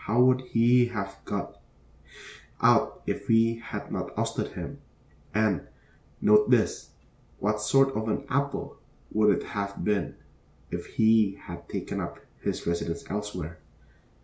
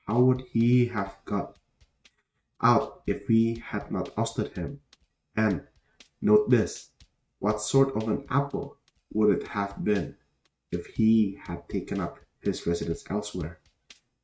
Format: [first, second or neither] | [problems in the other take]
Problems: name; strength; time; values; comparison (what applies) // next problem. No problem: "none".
first | noise reduction (neural mask model RNNoise)